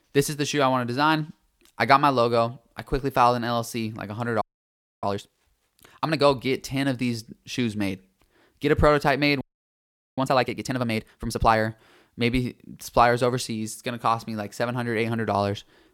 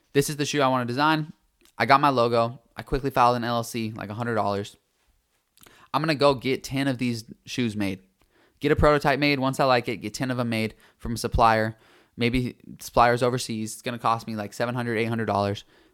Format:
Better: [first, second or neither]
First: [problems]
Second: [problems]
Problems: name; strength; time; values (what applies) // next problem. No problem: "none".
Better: second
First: audio freezing; at 4.5 s for 0.5 s and at 9.5 s for 1 s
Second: none